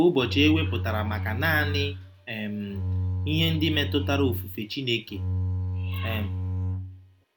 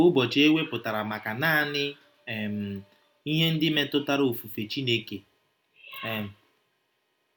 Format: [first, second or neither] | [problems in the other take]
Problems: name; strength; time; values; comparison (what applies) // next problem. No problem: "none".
second | background sound (Bowed string instrument); 1 dB below the speech